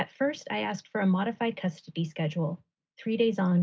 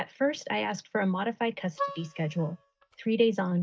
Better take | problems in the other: first | noise reduction (neural mask model DeepFilterNet 3)

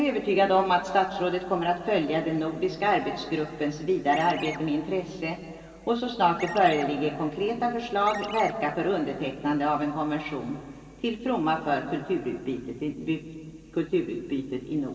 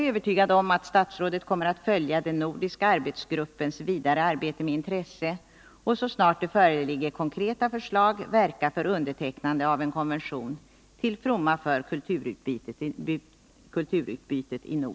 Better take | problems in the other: second | background sound (Chirp, tweet); 12 dB below the speech // room echo; dies away in 2.8 s

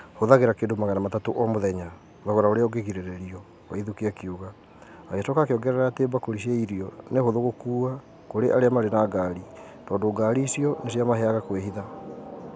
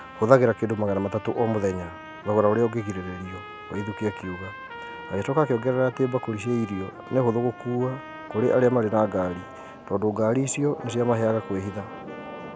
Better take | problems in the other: first | background sound (Trumpet); 17 dB below the speech

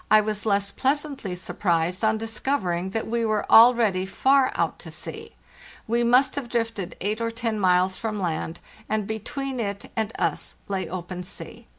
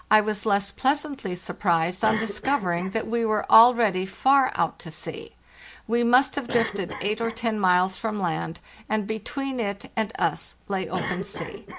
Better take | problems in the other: first | background sound (Cough); 15 dB below the speech

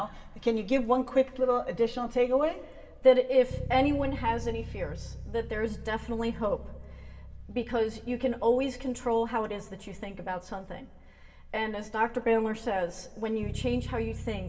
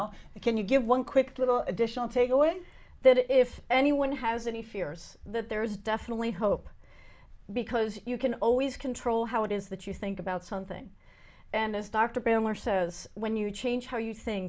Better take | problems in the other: second | background sound (Bass guitar); 13 dB below the speech // room echo; dies away in 1.3 s

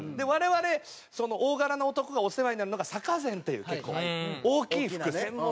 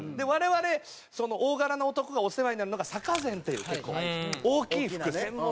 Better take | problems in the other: first | background sound (Packing tape, duct tape); 16 dB below the speech

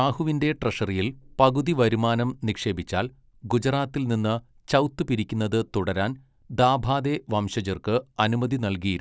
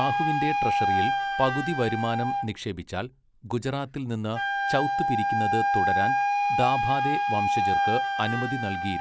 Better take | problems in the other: first | background sound (Wind instrument, woodwind instrument); 3 dB above the speech

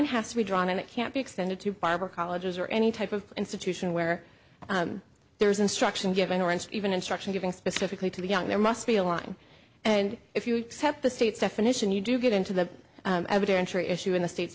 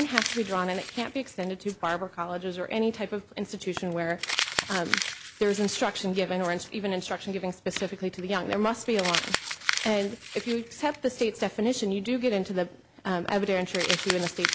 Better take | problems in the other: first | background sound (Crumpling, crinkling); 6 dB below the speech

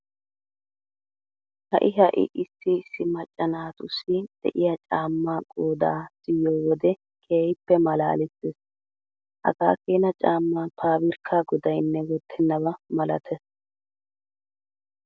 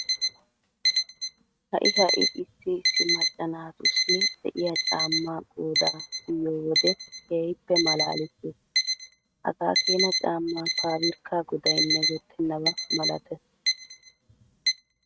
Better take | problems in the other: first | noise reduction (neural mask model RNNoise)

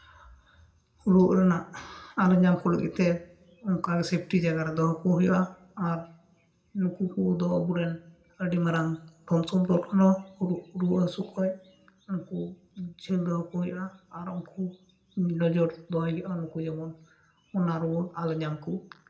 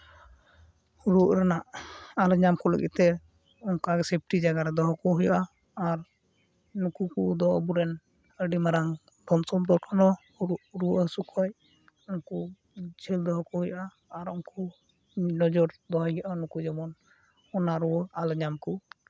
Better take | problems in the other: second | room echo; dies away in 0.5 s

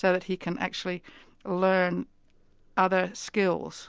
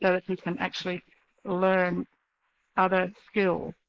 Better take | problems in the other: first | noise reduction (neural mask model Resemble Enhance denoiser)

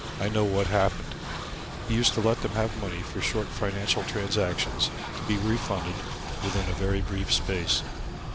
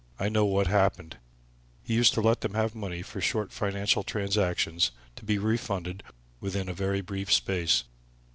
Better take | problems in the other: second | background sound (Train); 4 dB below the speech

